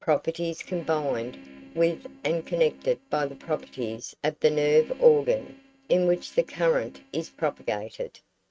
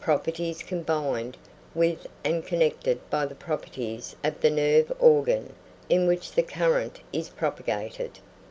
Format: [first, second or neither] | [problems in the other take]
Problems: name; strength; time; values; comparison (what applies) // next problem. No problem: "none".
second | noise reduction (neural mask model RNNoise)